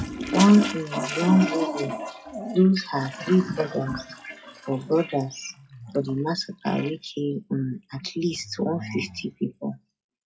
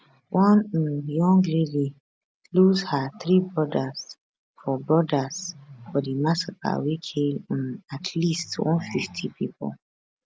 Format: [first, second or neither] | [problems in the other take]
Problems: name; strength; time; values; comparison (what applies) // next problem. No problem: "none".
second | noise reduction (classical method WPE with log-MMSE)